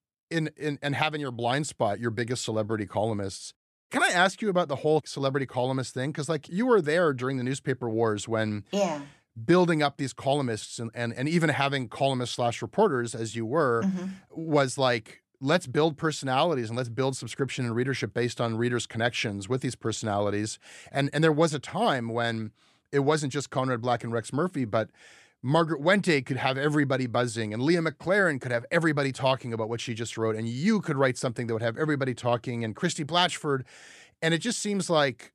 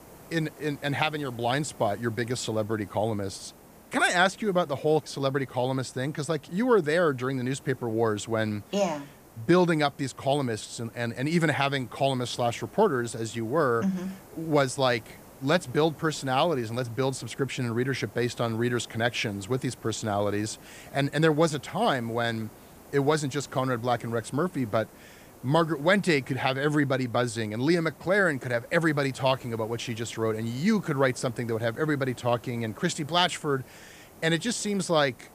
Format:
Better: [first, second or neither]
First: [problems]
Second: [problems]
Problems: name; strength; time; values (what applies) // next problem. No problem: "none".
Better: first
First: none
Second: hiss; faint; throughout; 25 dB below the speech